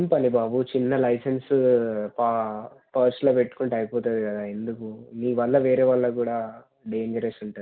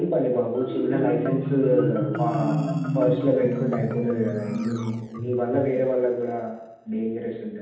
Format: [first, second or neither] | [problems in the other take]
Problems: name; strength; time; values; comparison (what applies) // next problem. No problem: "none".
first | background sound (Marimba, xylophone); 4 dB below the speech // room echo; dies away in 0.8 s